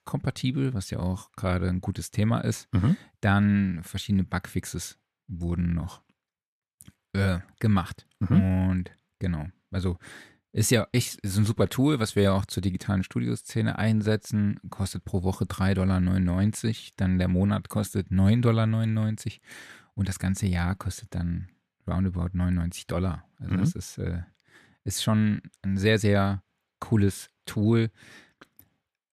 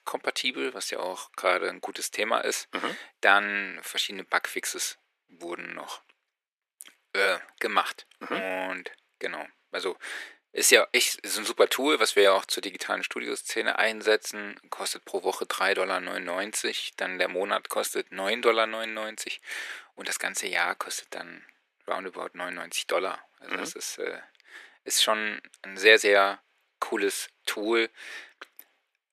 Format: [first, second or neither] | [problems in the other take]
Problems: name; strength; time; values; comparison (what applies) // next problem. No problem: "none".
first | thin; very; fading below 400 Hz